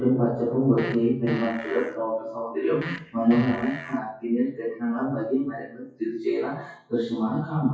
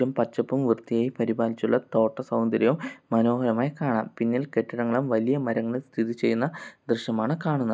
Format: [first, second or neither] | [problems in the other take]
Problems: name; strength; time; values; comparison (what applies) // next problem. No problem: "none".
second | noise reduction (classical method WPE with log-MMSE)